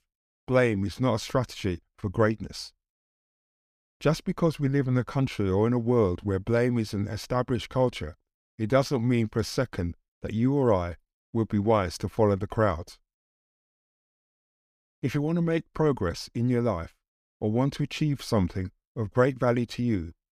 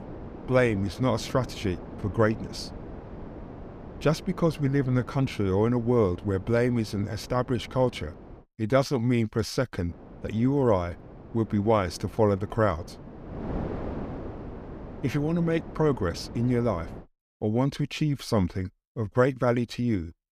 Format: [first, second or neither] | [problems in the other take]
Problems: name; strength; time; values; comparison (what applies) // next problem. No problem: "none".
first | wind noise on the microphone; occasional gusts; until 8.5 s and from 10 to 17 s; 15 dB below the speech